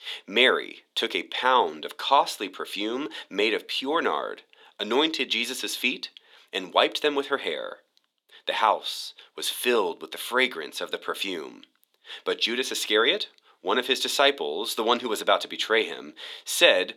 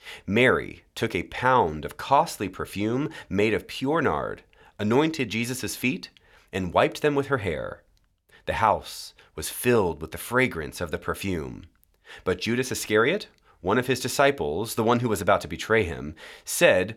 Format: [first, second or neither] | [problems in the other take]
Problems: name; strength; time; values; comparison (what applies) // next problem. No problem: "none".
second | thin; somewhat; fading below 300 Hz